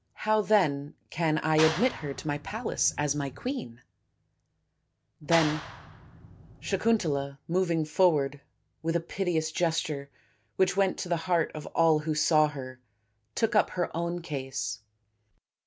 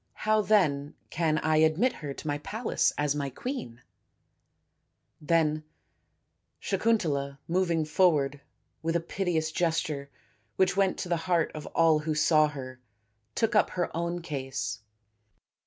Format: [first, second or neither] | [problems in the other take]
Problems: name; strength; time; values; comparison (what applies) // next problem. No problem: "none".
second | background sound (Clapping); 9 dB below the speech